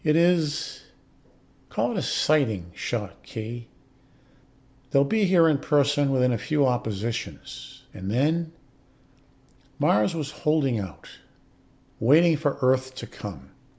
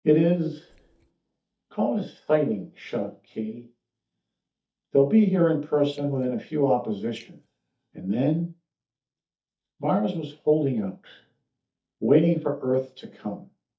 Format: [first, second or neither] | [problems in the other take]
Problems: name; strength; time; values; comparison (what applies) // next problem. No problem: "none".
first | noise reduction (neural mask model DeepFilterNet 3)